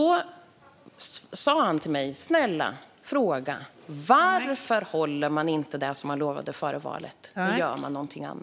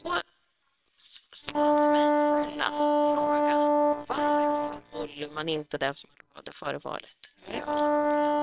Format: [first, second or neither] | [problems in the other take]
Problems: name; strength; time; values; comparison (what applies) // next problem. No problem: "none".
first | noise reduction (neural separator model SepFormer WHAMR!)